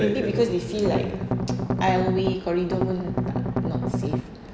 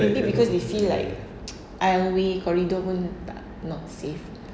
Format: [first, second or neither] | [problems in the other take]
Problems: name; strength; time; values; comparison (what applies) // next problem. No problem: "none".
second | background sound (Strum); as loud as the speech